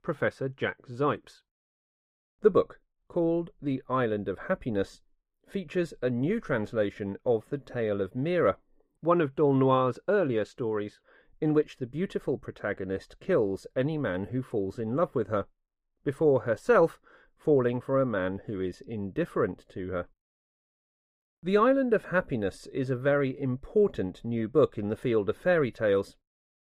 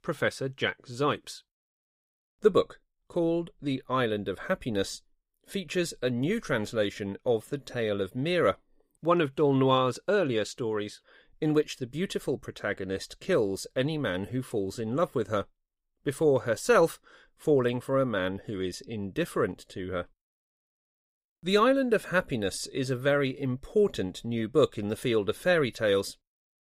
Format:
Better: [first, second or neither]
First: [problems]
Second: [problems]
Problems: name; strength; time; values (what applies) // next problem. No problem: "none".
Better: second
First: muffled; slightly; fading above 2.5 kHz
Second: none